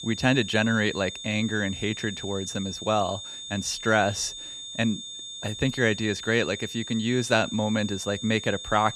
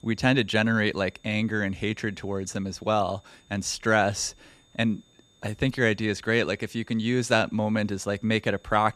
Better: second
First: high-pitched whine; loud; throughout; 3.5 kHz, 9 dB below the speech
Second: high-pitched whine; faint; throughout; 3.5 kHz, 35 dB below the speech

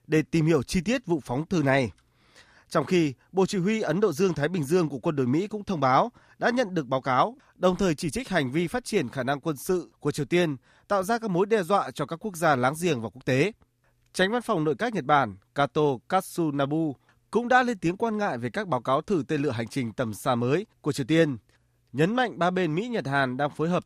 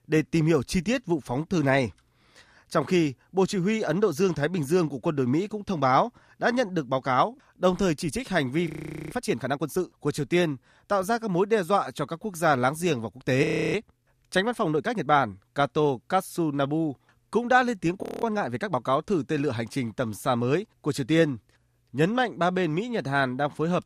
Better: first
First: none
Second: audio freezing; at 8.5 s, at 13 s and at 18 s

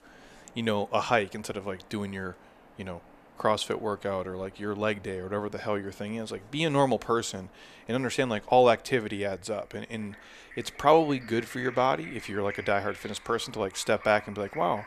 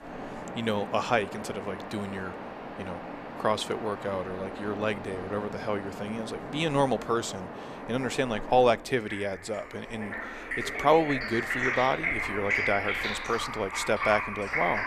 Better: first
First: rain or running water; faint; throughout; 20 dB below the speech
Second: rain or running water; loud; throughout; 5 dB below the speech

